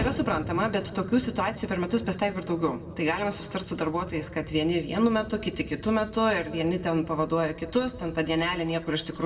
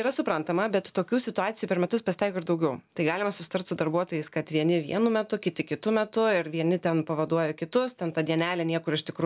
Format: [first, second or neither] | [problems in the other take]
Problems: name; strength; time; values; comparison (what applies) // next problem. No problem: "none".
second | background sound (Explosion); 13 dB below the speech // room echo; dies away in 1.4 s